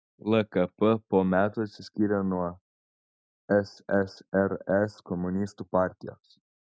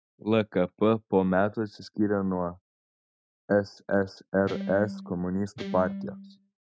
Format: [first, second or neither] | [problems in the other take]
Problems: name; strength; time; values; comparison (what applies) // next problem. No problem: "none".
first | noise reduction (neural mask model RNNoise)